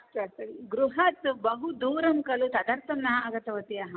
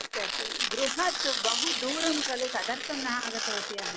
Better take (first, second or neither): first